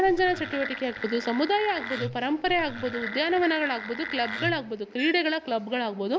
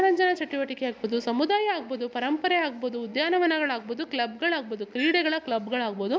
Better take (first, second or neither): second